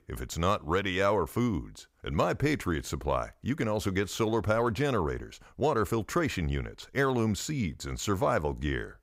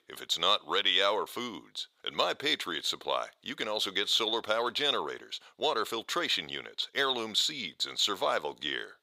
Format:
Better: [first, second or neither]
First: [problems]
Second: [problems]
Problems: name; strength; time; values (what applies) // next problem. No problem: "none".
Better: first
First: none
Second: thin; somewhat; fading below 450 Hz